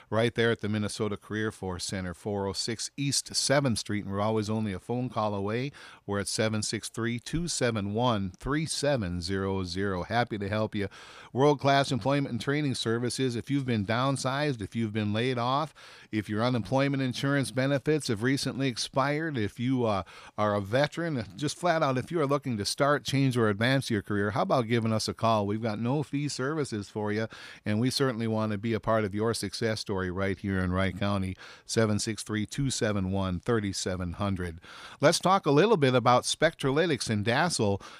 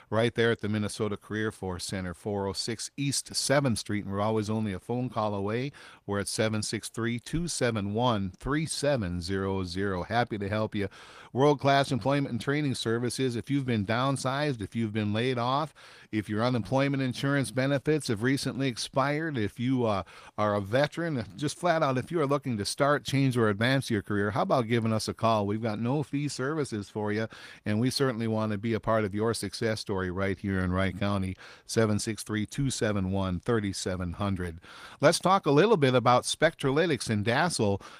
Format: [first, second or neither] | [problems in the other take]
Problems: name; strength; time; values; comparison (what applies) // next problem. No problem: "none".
first | garbled, watery; slightly; nothing above 15 kHz